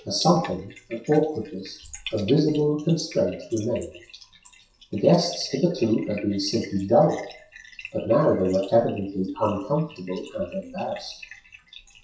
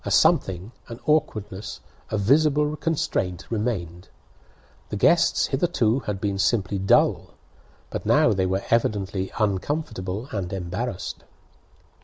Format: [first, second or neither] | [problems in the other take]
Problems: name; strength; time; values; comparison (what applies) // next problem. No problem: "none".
second | noise reduction (classical method WPE with log-MMSE)